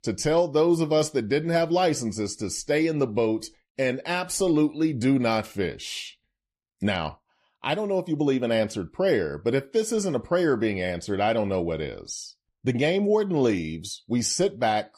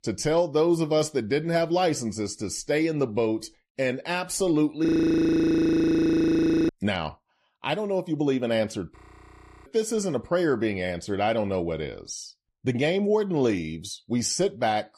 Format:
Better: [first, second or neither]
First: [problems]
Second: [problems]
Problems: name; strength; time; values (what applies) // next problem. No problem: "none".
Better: first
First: none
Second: audio freezing; at 5 s for 2 s and at 9 s for 0.5 s